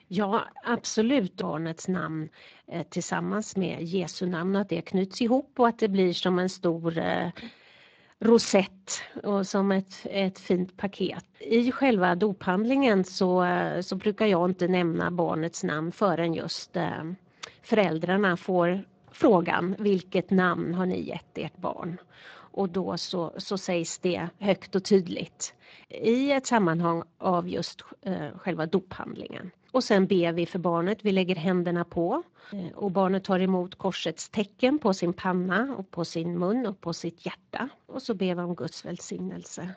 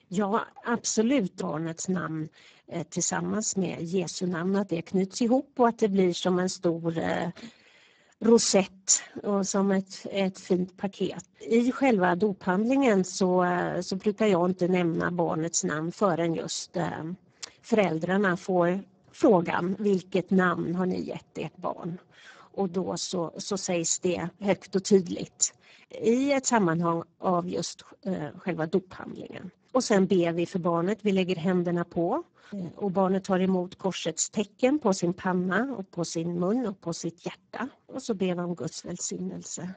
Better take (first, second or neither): first